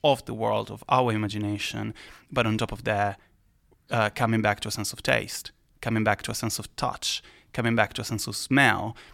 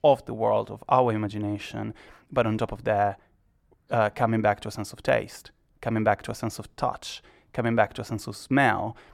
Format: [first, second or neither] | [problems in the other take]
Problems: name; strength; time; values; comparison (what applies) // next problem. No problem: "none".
first | muffled; slightly; fading above 2 kHz